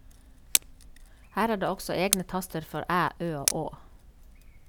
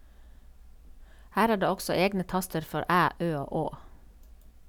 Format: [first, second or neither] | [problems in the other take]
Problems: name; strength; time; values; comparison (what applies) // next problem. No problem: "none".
second | background sound (Tick); 4 dB below the speech